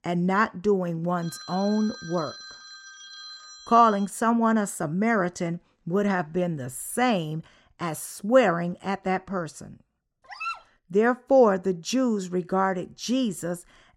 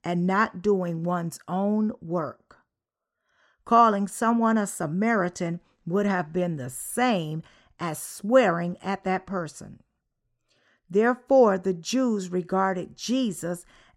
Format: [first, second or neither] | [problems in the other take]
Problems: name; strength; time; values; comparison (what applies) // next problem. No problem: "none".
second | phone ringing; faint; from 1 to 4 s; peak 15 dB below the speech // dog barking; noticeable; at 10 s; peak 8 dB below the speech